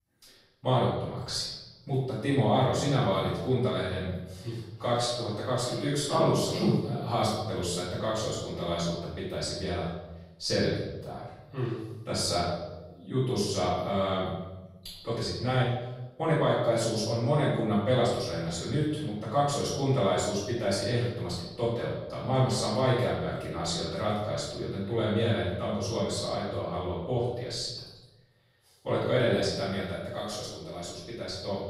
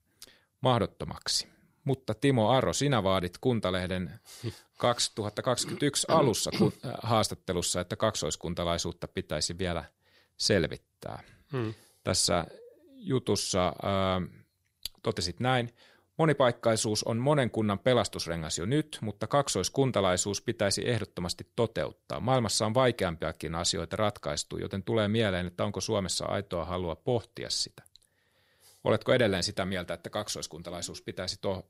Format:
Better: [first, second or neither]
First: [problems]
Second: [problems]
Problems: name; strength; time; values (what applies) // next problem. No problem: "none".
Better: second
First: room echo; noticeable; dies away in 1 s // off-mic speech; far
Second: none